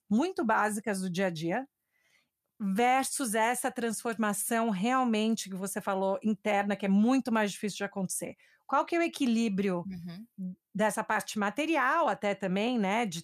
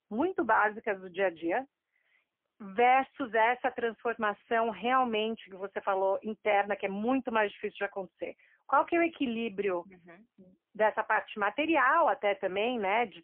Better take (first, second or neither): first